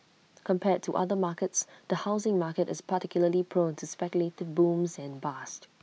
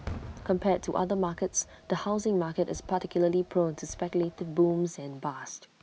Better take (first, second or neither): first